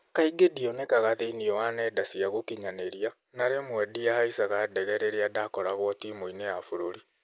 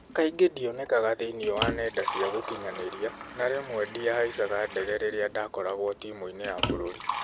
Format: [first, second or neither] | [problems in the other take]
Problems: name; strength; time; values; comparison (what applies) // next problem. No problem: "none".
first | background sound (Liquid); 8 dB below the speech